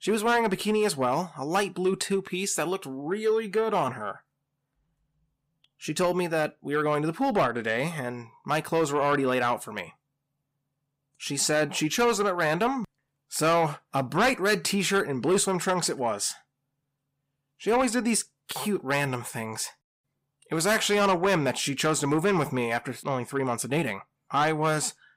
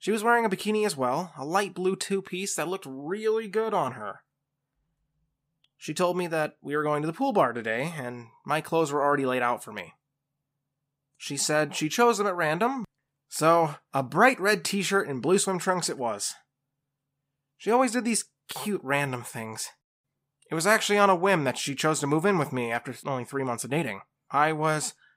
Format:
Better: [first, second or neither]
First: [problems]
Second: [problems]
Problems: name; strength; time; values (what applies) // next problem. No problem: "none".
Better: second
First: distortion; slight; 10 dB below the speech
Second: none